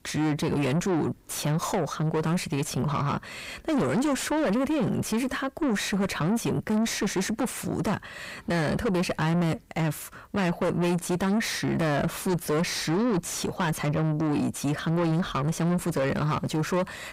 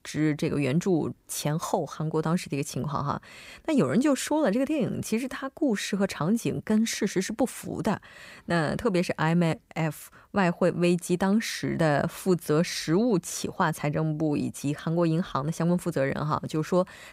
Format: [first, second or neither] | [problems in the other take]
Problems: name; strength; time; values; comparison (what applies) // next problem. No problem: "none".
second | distortion; heavy; 7 dB below the speech